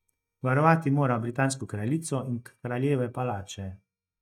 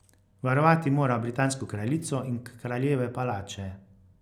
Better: second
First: noise reduction (neural mask model DeepFilterNet 3)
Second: none

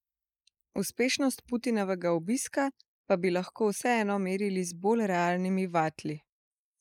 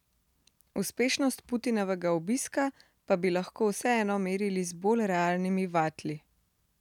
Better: second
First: noise reduction (neural mask model Resemble Enhance denoiser)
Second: none

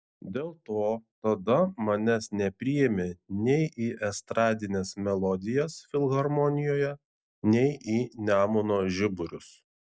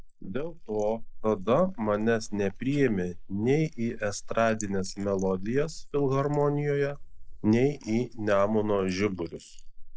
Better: first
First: none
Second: noise reduction (neural mask model Resemble Enhance denoiser)

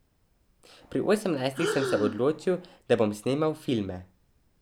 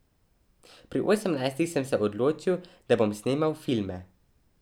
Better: second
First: background sound (Breathing); 6 dB below the speech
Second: none

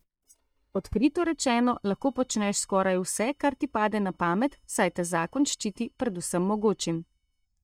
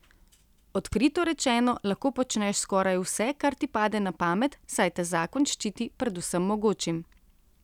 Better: second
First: noise reduction (neural mask model DeepFilterNet 3)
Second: none

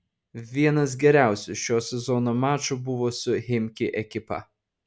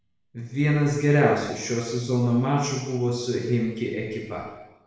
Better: first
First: none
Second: room echo; dies away in 1 s

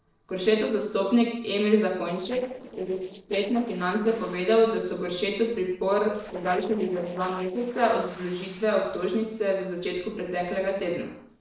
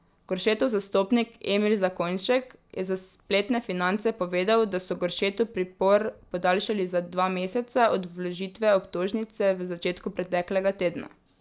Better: second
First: noise reduction (neural separator model SepFormer DNS4)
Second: none

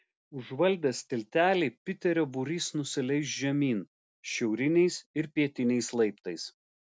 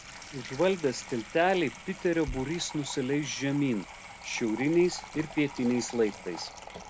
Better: first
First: none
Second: background sound (Sink (filling or washing) / Water tap, faucet); 14 dB below the speech

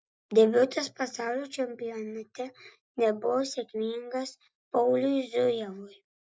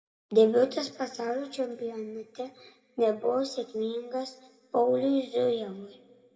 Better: first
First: none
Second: room echo; dies away in 1.3 s

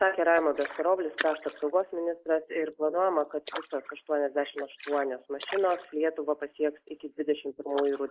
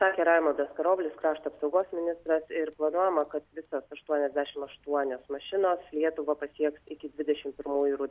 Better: second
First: noise reduction (neural mask model Resemble Enhance denoiser)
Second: none

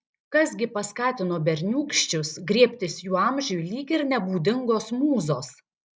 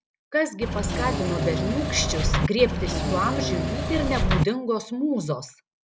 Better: first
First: none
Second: background sound (Engine / Mechanisms); 2 dB above the speech

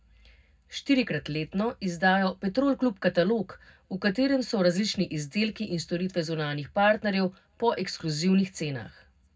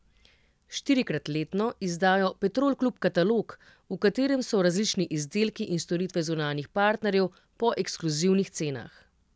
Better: second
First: room echo; dies away in 0.3 s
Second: none

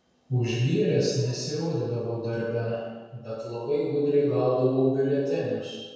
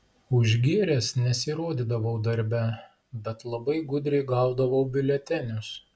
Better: second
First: room echo; dies away in 1.2 s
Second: none

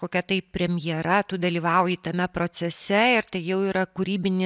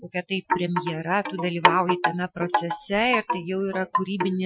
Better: first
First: none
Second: noise reduction (classical method Wiener filter)

